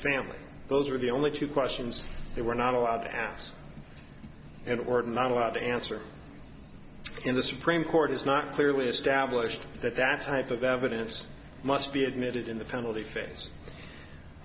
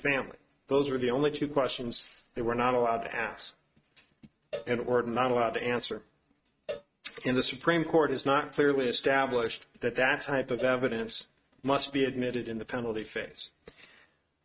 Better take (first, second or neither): first